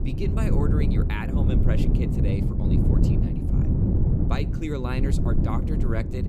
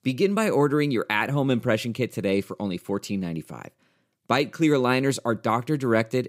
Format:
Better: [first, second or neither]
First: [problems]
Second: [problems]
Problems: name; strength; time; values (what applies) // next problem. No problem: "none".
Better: second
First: wind noise on the microphone; heavy; 1 dB above the speech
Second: none